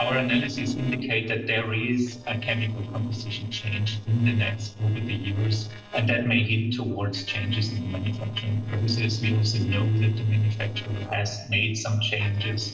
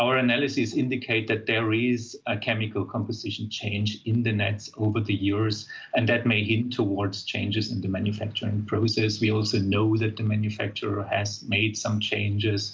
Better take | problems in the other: second | noise reduction (neural separator model SepFormer DNS4)

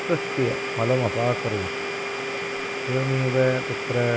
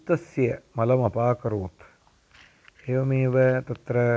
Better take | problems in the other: second | background sound (Domestic sounds, home sounds); 3 dB below the speech

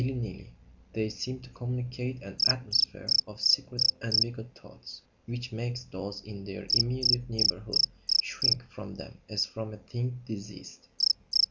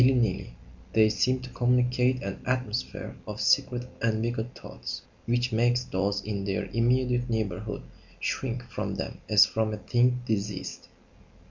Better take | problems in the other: second | background sound (Cricket); 3 dB above the speech

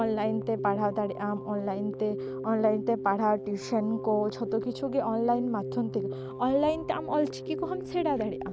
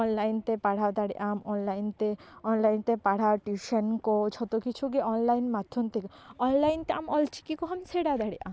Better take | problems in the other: second | background sound (Keyboard (musical)); 8 dB below the speech

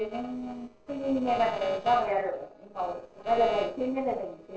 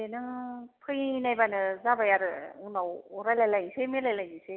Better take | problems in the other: second | noise reduction (neural separator model SepFormer DNS4)

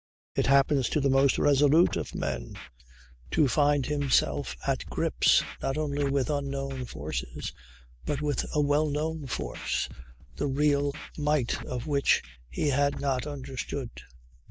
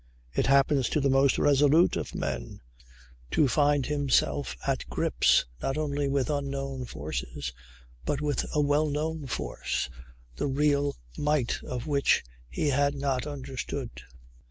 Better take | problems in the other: second | noise reduction (neural mask model DeepFilterNet 3)

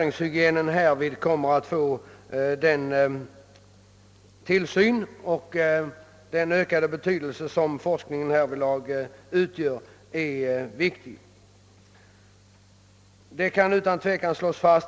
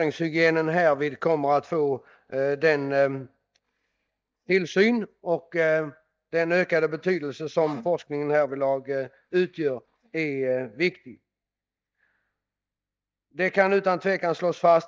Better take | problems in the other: first | noise reduction (neural mask model DeepFilterNet 3)

